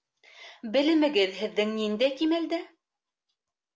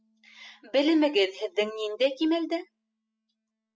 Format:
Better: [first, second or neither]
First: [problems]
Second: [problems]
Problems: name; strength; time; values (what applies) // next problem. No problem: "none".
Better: first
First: none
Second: noise reduction (classical method spectral subtraction)